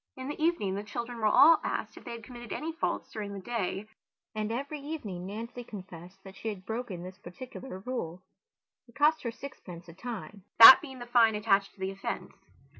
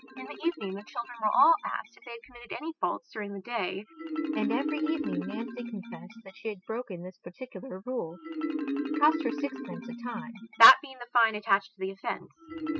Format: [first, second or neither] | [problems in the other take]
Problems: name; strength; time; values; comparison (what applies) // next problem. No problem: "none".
first | noise reduction (classical method spectral subtraction)